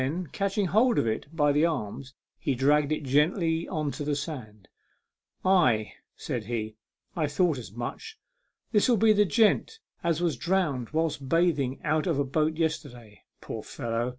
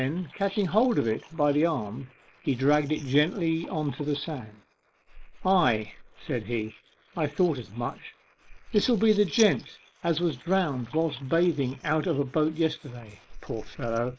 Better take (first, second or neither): first